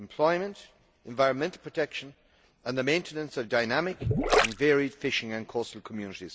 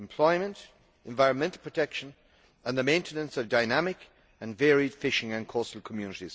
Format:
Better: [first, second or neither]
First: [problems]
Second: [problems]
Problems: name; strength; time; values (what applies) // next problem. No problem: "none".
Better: second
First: background sound (Gurgling); 3 dB above the speech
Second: none